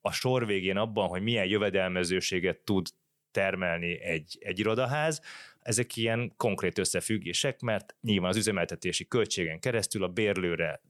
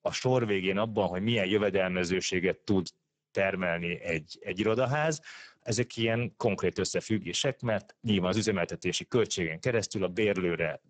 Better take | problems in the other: first | garbled, watery; badly; nothing above 8 kHz

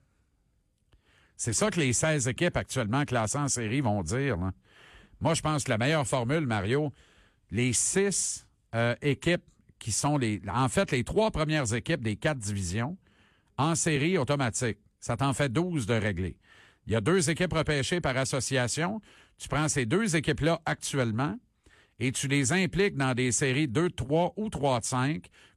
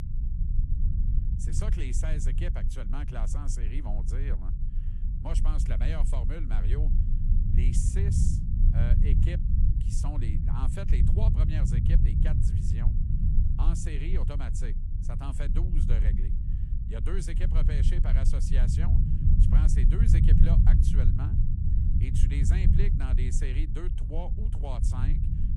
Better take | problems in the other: first | low rumble; loud; throughout; 1 dB below the speech

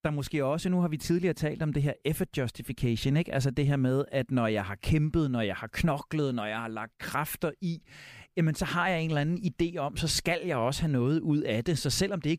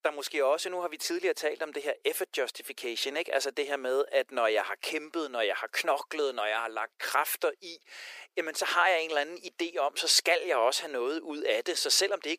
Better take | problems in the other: first | thin; very; fading below 400 Hz

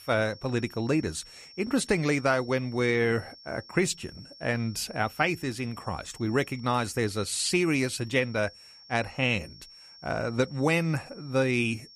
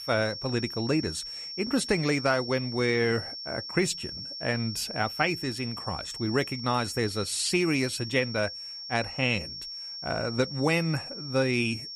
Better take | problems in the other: first | high-pitched whine; loud; throughout; 5.5 kHz, 7 dB below the speech; faint in the first

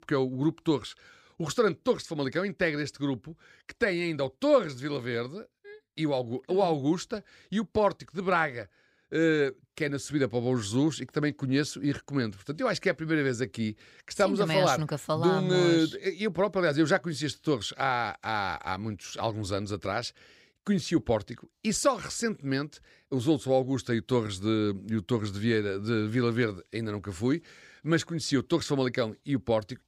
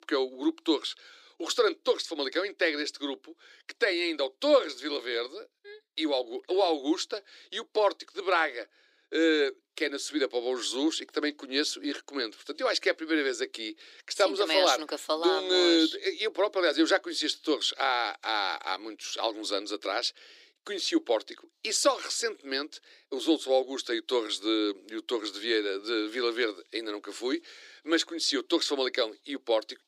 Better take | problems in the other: first | thin; somewhat; fading below 300 Hz

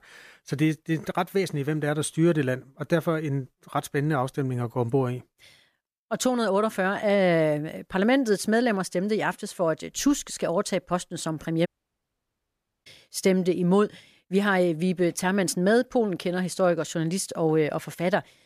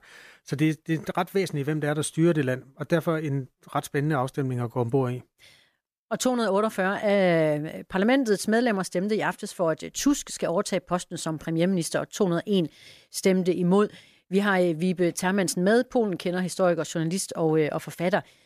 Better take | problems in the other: second | audio cutting out; at 12 s for 1 s

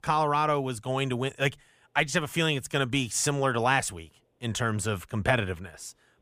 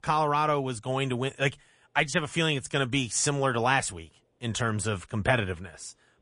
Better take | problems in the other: first | garbled, watery; slightly; nothing above 10 kHz

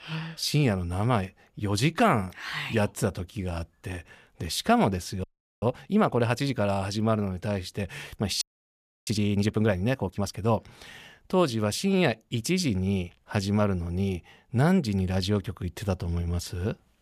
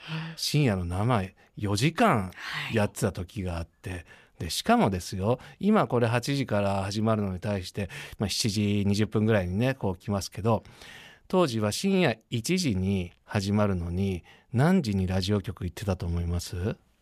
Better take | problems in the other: second | audio freezing; at 5 s and at 8.5 s for 0.5 s

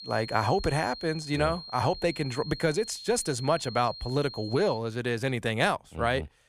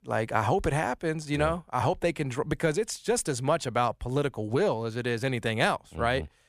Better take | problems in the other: second | high-pitched whine; noticeable; until 5 s; 4 kHz, 10 dB below the speech

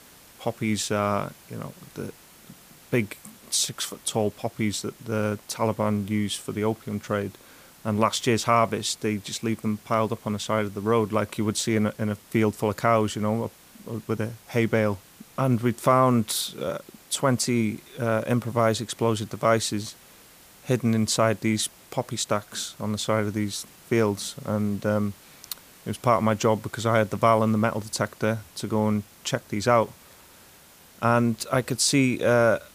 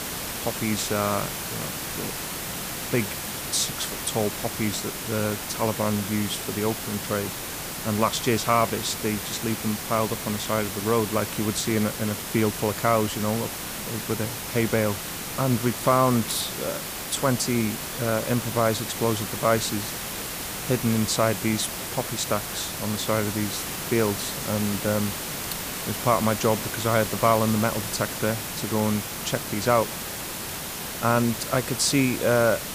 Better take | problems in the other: first | hiss; loud; throughout; 5 dB below the speech; faint in the first

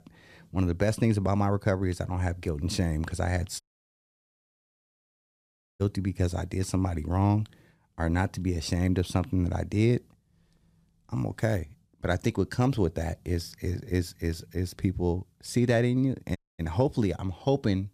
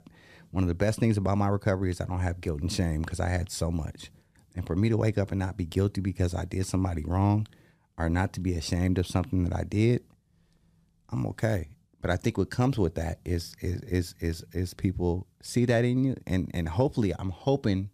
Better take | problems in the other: second | audio cutting out; at 3.5 s for 2 s and at 16 s

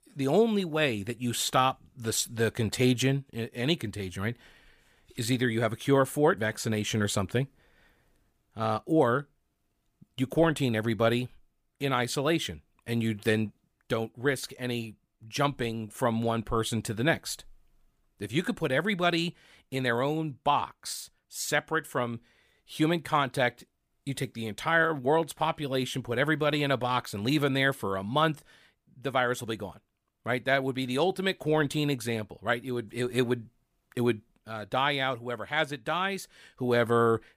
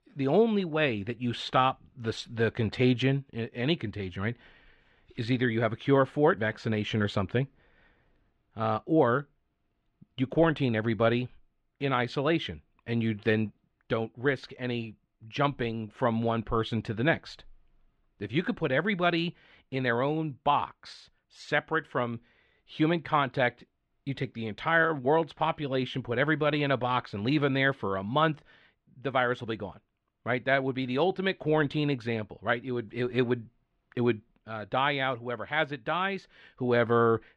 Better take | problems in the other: first | muffled; slightly; fading above 3.5 kHz

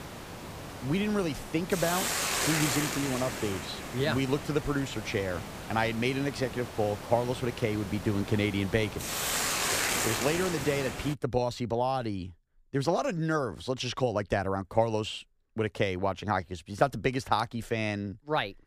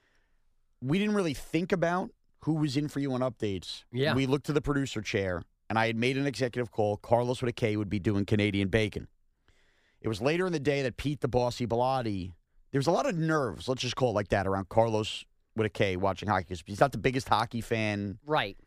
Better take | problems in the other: second | hiss; loud; until 11 s; 3 dB below the speech

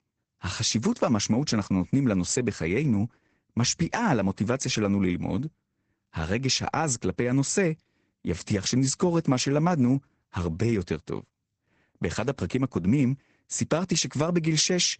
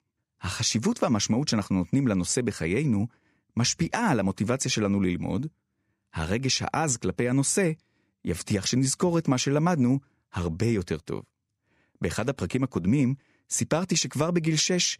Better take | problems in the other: second | garbled, watery; badly; nothing above 8 kHz

